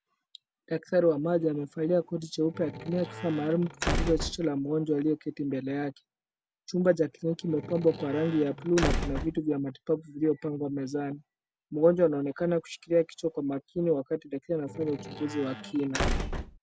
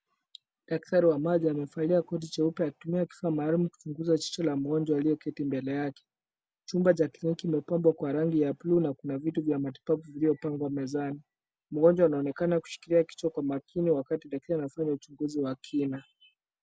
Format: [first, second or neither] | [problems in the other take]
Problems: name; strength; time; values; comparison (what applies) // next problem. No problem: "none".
second | background sound (Squeak / Slam / Wood); 4 dB below the speech